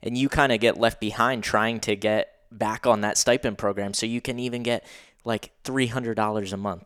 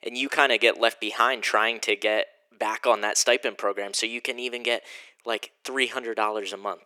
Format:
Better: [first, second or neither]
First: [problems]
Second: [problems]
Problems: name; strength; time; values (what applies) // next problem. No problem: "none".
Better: first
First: none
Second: thin; somewhat; fading below 350 Hz